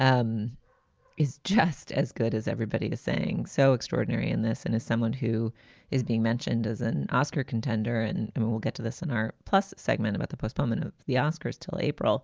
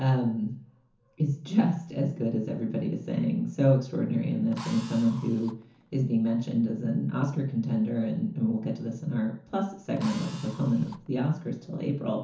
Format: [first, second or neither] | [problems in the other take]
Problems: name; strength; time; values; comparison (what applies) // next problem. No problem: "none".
first | background sound (Drill); 19 dB below the speech // room echo; dies away in 0.9 s